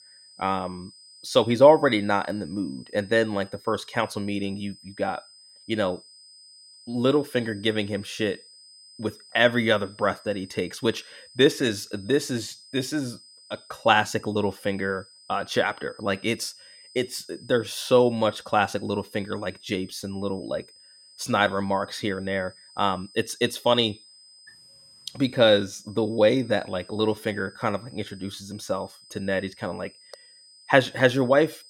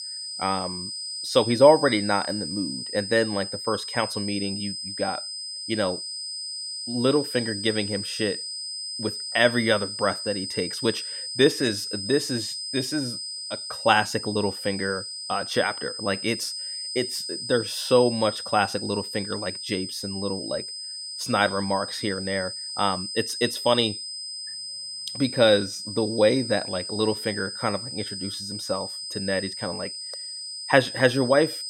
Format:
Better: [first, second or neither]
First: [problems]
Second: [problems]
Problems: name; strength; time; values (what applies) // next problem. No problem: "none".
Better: first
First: high-pitched whine; faint; throughout; 5 kHz, 25 dB below the speech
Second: high-pitched whine; loud; throughout; 5 kHz, 6 dB below the speech